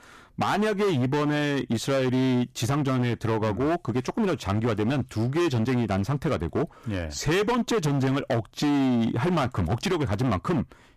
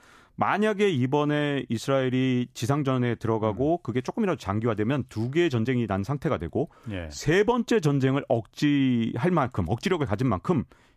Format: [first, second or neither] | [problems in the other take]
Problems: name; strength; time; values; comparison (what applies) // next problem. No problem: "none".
second | distortion; heavy; 22% of the sound clipped